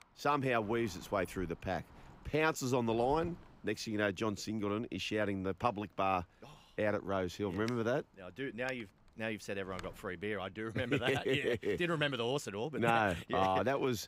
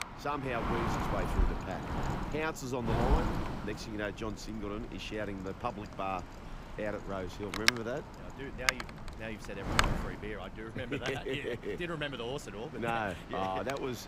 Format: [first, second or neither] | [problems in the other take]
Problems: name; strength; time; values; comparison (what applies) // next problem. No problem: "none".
first | wind noise on the microphone; heavy; 3 dB above the speech; occasional gusts in the first